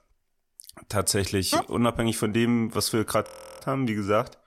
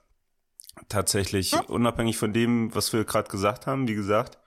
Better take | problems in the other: second | audio freezing; at 3.5 s

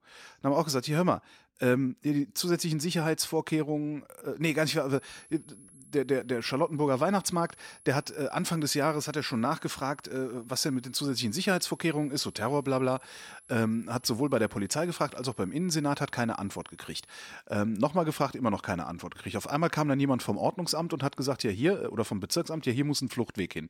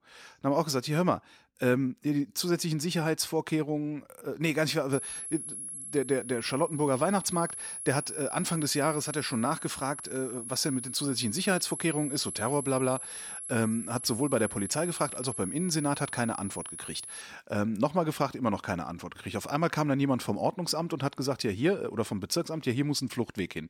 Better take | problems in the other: first | high-pitched whine; loud; from 5 to 17 s; 11 kHz, 7 dB below the speech; faint in the first

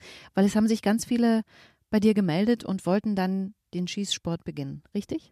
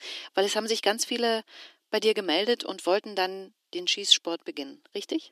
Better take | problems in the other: first | thin; very; fading below 300 Hz

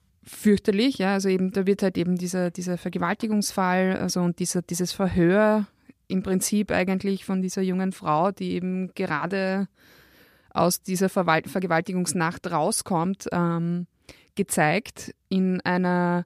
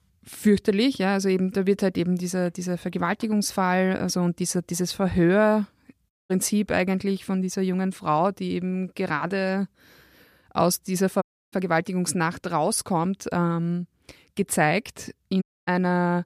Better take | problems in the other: first | audio cutting out; at 6 s, at 11 s and at 15 s

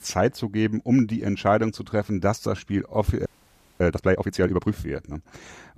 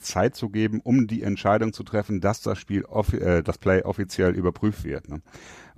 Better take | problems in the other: second | audio freezing; at 3.5 s for 0.5 s

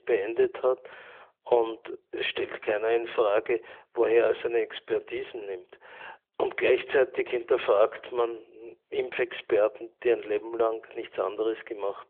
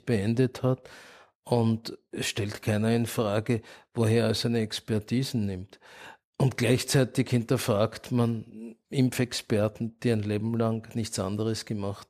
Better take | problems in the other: second | phone-call audio; nothing above 3.5 kHz

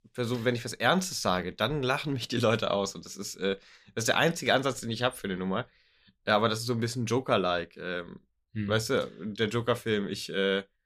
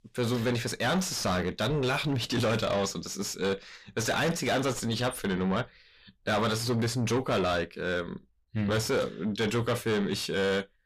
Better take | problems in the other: first | distortion; heavy; 6 dB below the speech

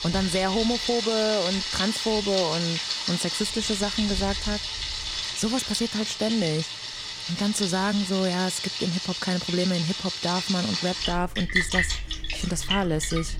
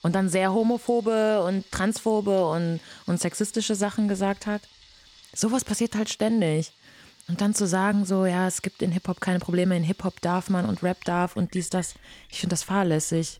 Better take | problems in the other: second | rain or running water; loud; throughout; 1 dB below the speech; faint in the second

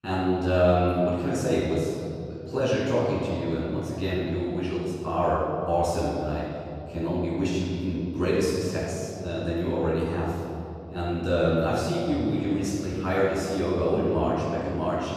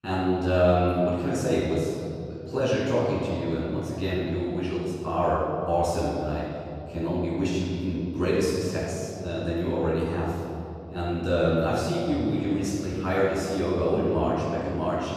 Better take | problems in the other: neither | room echo; strong; dies away in 2.8 s; the same in both // off-mic speech; far; the same in both

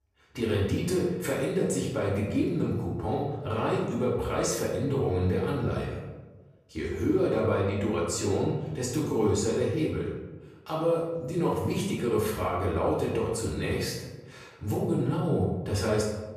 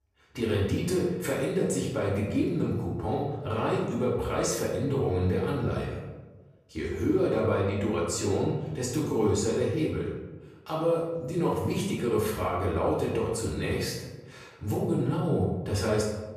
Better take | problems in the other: neither | room echo; noticeable; dies away in 0.9 s; the same in both // off-mic speech; far; the same in both

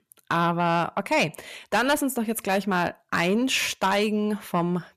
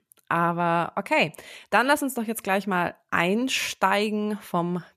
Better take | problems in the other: second | distortion; slight; 10 dB below the speech

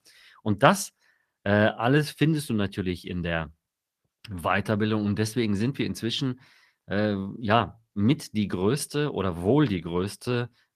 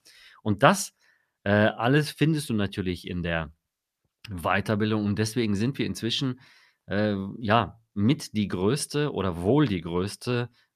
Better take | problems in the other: second | garbled, watery; slightly; nothing above 14.5 kHz

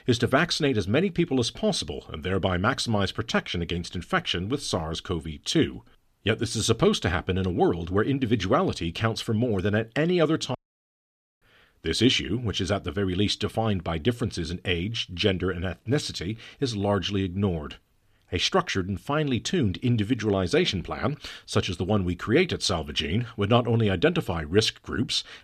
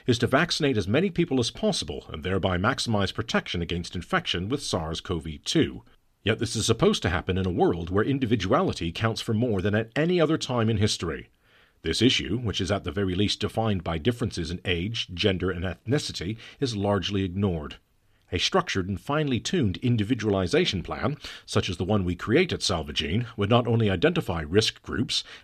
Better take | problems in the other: second | audio cutting out; at 11 s for 1 s

